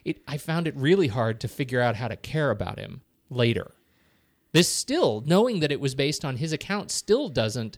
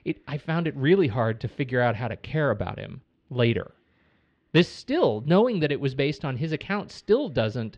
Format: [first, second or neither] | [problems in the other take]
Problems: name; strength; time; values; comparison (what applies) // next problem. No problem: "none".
first | muffled; slightly; fading above 3 kHz